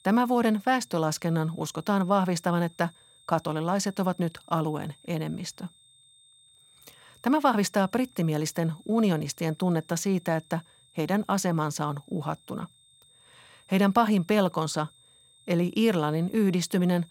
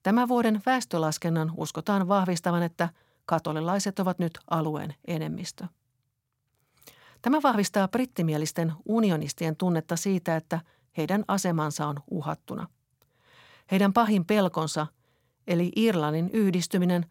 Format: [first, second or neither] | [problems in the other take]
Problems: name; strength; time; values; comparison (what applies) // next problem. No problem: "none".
second | high-pitched whine; faint; throughout; 3.5 kHz, 30 dB below the speech